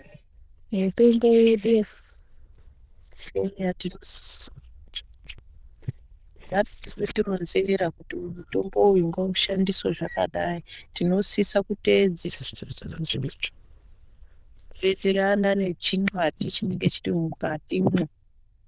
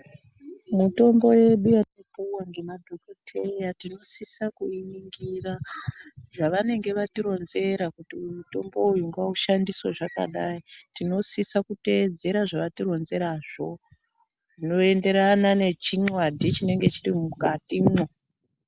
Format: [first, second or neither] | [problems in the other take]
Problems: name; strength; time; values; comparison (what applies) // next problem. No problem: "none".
second | noise reduction (neural diffusion model UNIVERSE++)